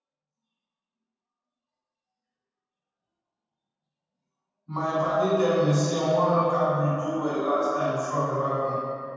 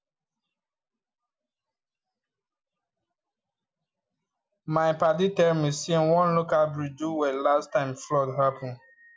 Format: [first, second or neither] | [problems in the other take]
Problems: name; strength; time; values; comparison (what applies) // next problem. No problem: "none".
second | room echo; dies away in 2.1 s